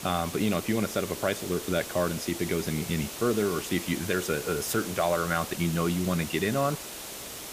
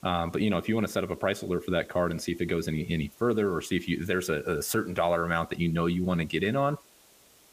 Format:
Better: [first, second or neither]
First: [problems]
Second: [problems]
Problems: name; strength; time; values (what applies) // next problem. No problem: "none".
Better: second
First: hiss; loud; throughout; 8 dB below the speech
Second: hiss; faint; throughout; 25 dB below the speech